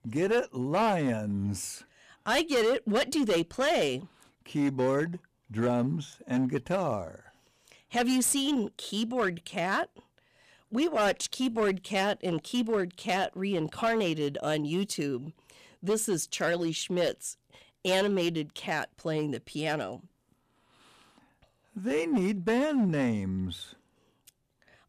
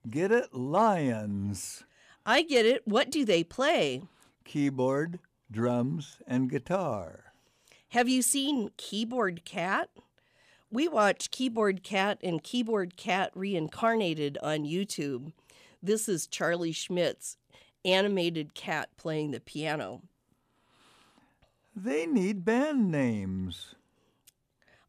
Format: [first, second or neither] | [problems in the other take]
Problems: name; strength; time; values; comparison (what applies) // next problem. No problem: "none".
second | distortion; slight; 6% of the sound clipped